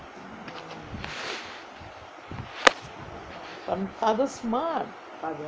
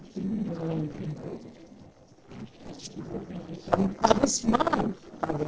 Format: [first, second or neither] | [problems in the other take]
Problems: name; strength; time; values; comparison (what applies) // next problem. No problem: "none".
first | noise reduction (neural separator model SepFormer DNS4)